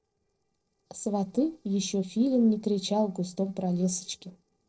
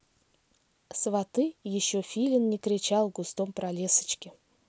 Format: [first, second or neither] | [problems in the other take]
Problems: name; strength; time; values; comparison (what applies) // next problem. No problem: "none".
second | noise reduction (neural separator model SepFormer DNS4)